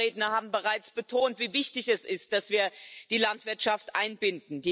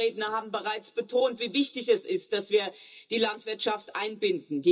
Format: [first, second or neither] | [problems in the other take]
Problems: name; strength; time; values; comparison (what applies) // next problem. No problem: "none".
first | room echo; dies away in 0.2 s